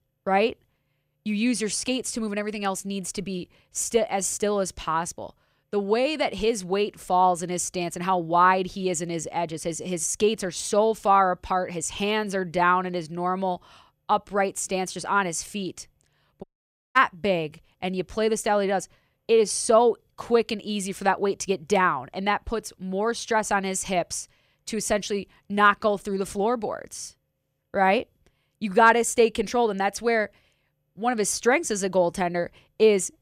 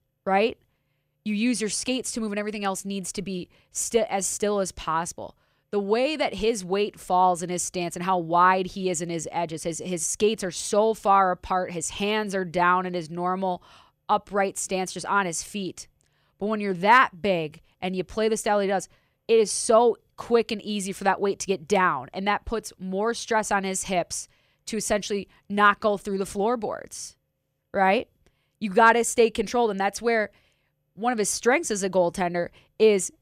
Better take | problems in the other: second | audio cutting out; at 16 s for 0.5 s

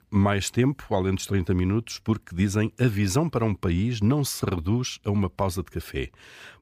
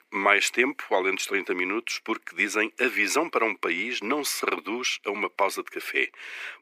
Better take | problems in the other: first | thin; very; fading below 300 Hz

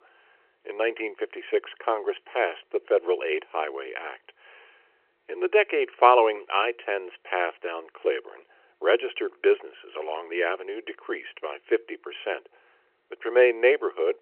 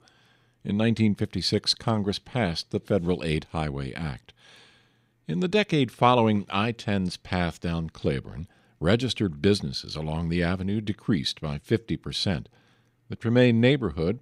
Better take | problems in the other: second | phone-call audio

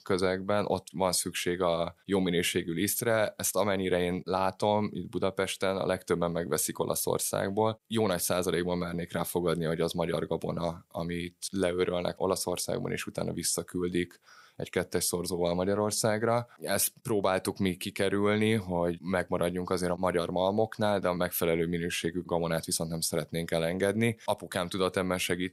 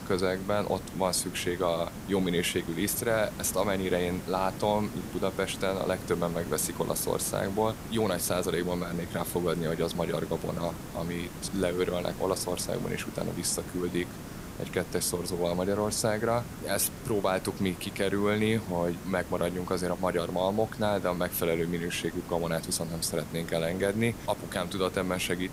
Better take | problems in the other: first | hiss; noticeable; throughout; 10 dB below the speech

